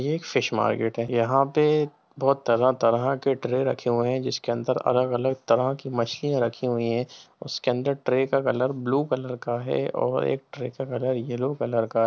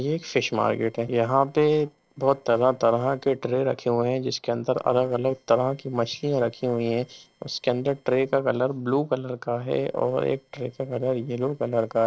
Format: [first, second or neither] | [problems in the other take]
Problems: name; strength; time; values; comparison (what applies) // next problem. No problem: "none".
first | noise reduction (neural separator model SepFormer DNS4)